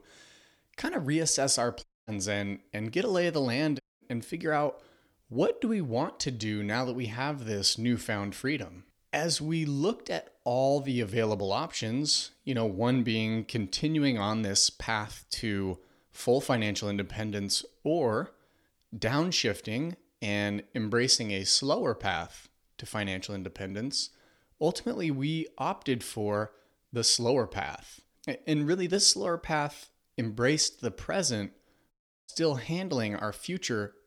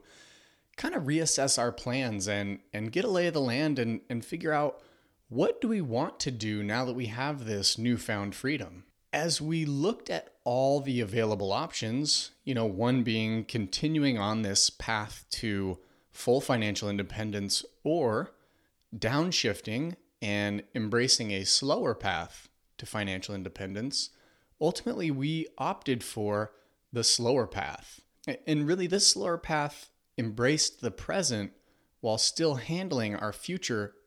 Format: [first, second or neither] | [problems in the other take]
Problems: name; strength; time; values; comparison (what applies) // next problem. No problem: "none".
second | audio cutting out; at 2 s, at 4 s and at 32 s